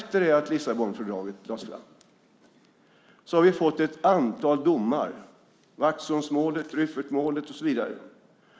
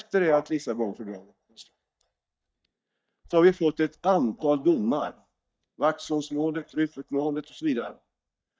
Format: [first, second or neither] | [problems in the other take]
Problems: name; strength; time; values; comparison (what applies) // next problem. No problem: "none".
first | noise reduction (neural mask model DeepFilterNet 3)